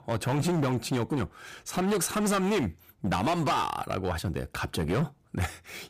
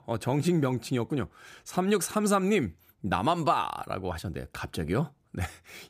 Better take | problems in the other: second | distortion; heavy; 17% of the sound clipped

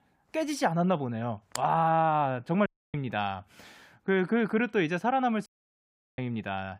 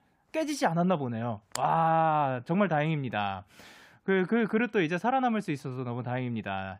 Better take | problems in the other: second | audio cutting out; at 2.5 s and at 5.5 s for 0.5 s

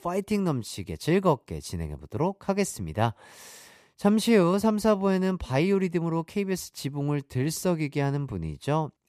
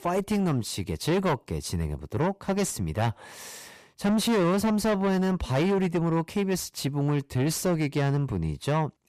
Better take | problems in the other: first | distortion; heavy; 7 dB below the speech

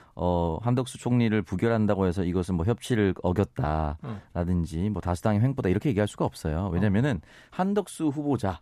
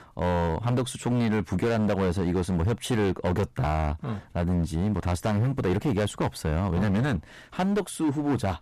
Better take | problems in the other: first | distortion; heavy; 19% of the sound clipped

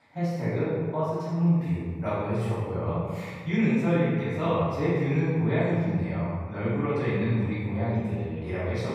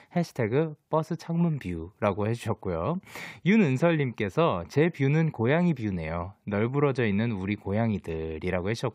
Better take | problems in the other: second | off-mic speech; far // room echo; strong; dies away in 1.5 s

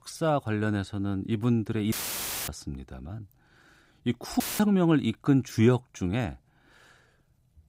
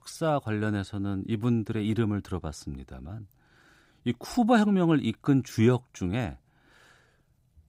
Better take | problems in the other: second | audio cutting out; filled with static; at 2 s for 0.5 s and at 4.5 s

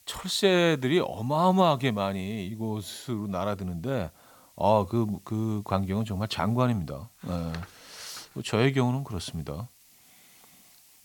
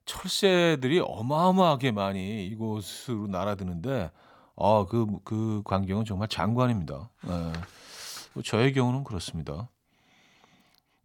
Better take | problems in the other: second | hiss; faint; throughout; 30 dB below the speech

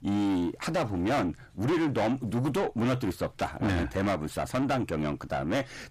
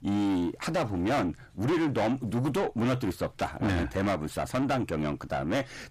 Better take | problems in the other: neither | distortion; heavy; 6 dB below the speech; the same in both

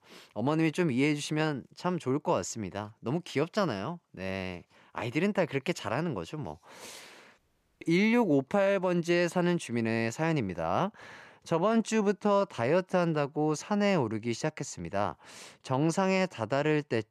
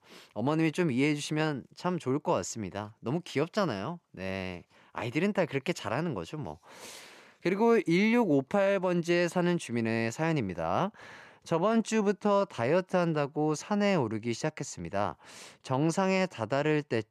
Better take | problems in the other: second | audio cutting out; at 7.5 s

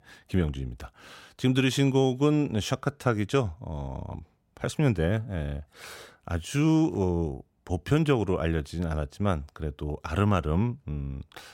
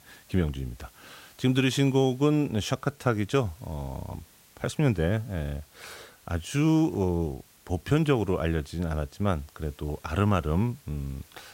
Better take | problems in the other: first | hiss; faint; throughout; 25 dB below the speech

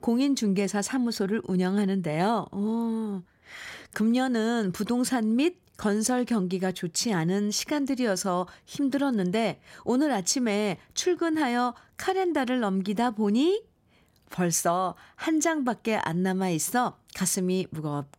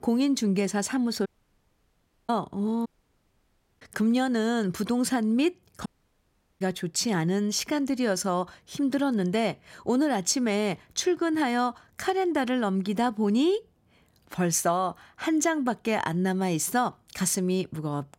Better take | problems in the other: first | audio cutting out; at 1.5 s for 1 s, at 3 s for 1 s and at 6 s for 0.5 s

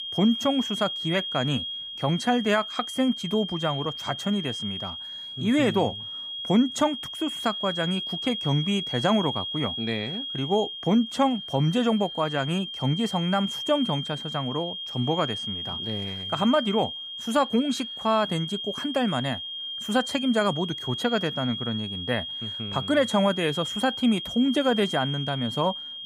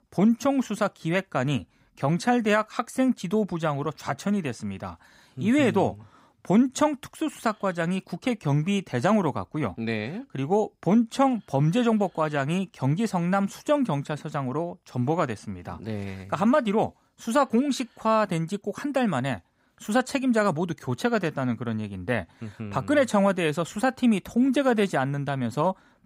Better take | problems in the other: second | high-pitched whine; loud; throughout; 3 kHz, 5 dB below the speech

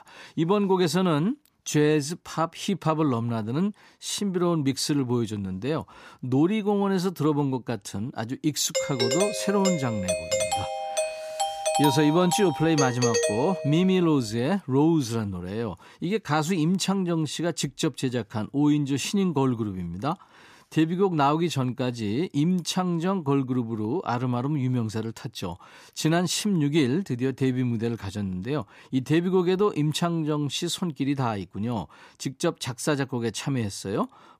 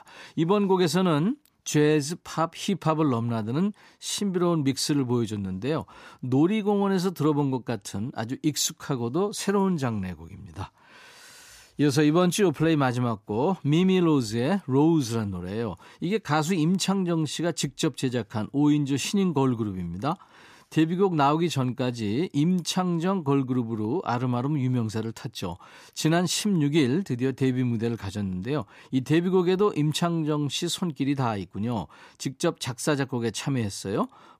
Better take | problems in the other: second | doorbell; loud; from 8.5 to 14 s; peak 1 dB above the speech

